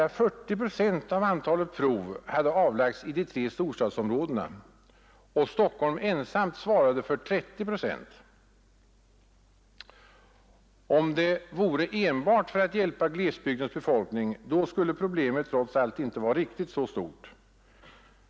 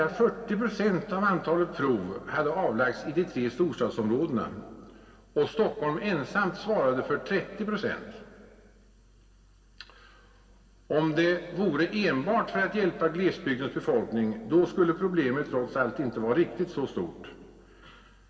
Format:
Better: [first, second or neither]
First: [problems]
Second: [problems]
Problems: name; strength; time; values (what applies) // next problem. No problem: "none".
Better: first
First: none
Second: room echo; dies away in 1.8 s